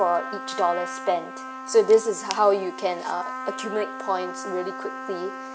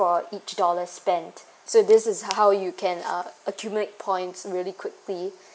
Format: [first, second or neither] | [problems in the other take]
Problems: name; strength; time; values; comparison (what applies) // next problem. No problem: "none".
second | background sound (Trumpet); 10 dB below the speech